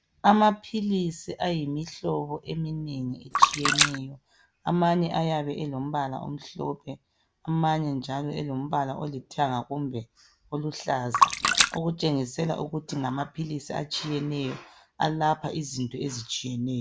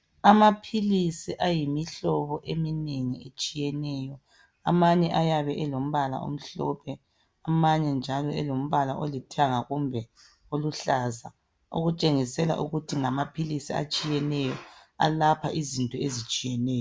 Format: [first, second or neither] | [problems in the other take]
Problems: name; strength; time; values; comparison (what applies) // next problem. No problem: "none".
second | background sound (Splash, splatter); 2 dB above the speech